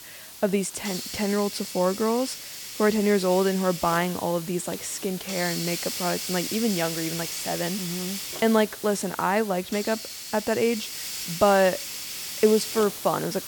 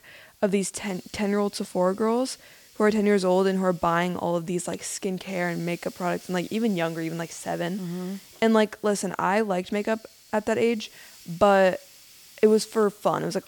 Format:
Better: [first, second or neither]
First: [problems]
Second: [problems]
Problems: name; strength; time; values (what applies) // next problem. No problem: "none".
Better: second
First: hiss; loud; throughout; 7 dB below the speech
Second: hiss; faint; throughout; 25 dB below the speech